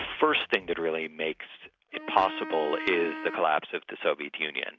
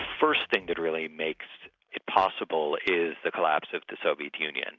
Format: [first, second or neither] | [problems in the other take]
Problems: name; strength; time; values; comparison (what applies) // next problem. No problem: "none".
second | background sound (Wind instrument, woodwind instrument); 12 dB below the speech